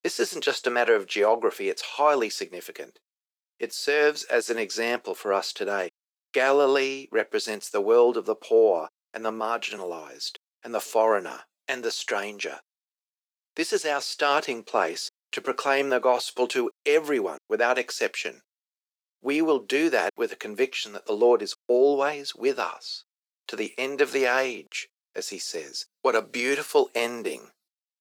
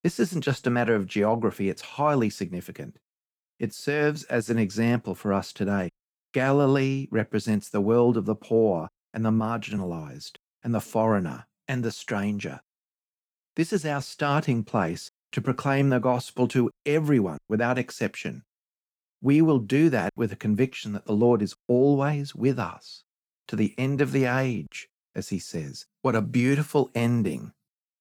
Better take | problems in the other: second | thin; very; fading below 400 Hz

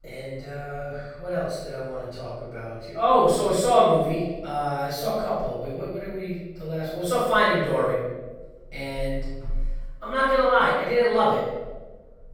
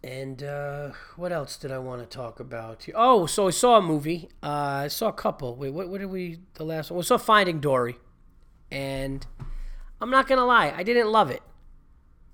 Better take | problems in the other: second | room echo; strong; dies away in 1 s // off-mic speech; far

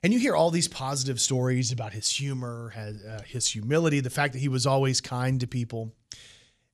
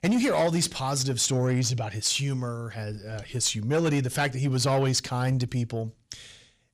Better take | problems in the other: first | distortion; slight; 10 dB below the speech

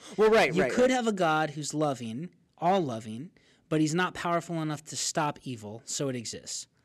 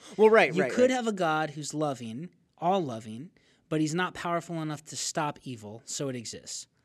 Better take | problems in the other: second | distortion; slight; 3% of the sound clipped

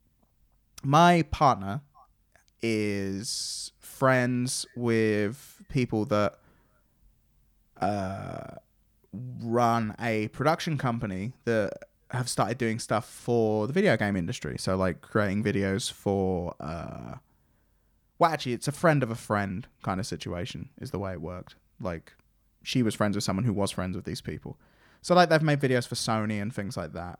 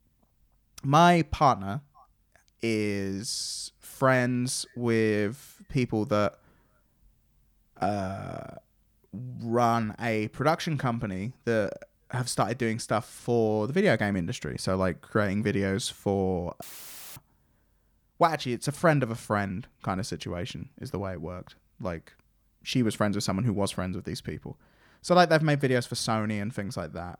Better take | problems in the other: first | audio cutting out; filled with static; at 17 s for 0.5 s

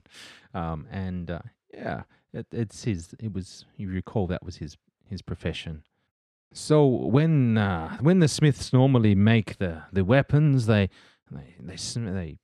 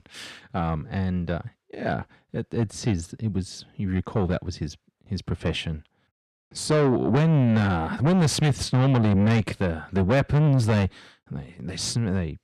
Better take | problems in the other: first | distortion; heavy; 7 dB below the speech

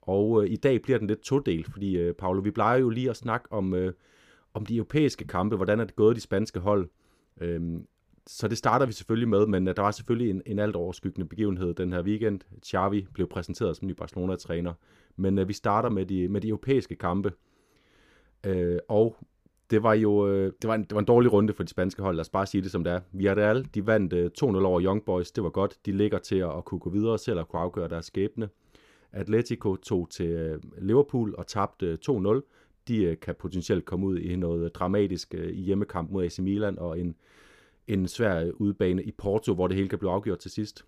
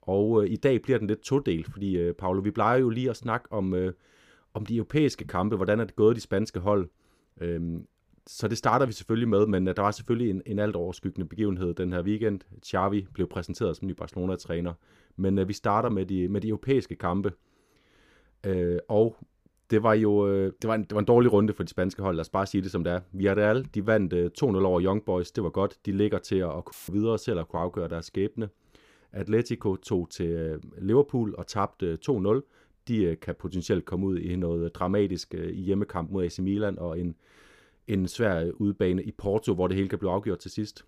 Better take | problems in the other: first | audio cutting out; filled with static; at 27 s

